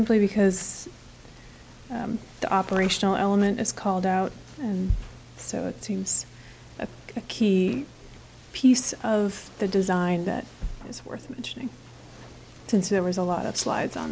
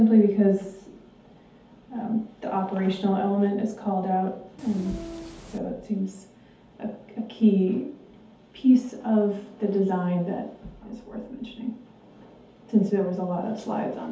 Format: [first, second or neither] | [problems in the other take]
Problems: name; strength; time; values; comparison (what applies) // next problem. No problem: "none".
first | background sound (Train); 14 dB below the speech // room echo; dies away in 0.6 s